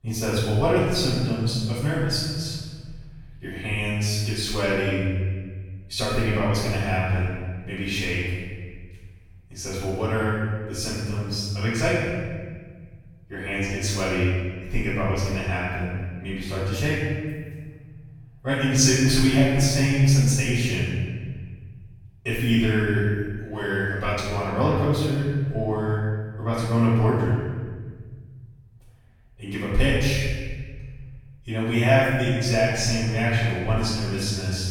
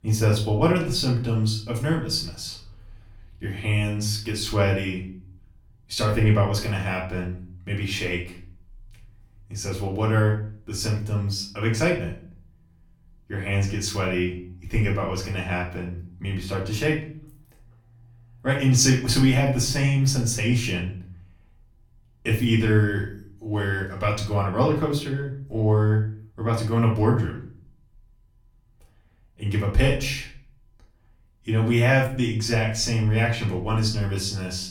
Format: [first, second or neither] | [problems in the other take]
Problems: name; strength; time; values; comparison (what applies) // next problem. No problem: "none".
second | room echo; strong; dies away in 1.6 s; slight in the second // off-mic speech; far; far in the second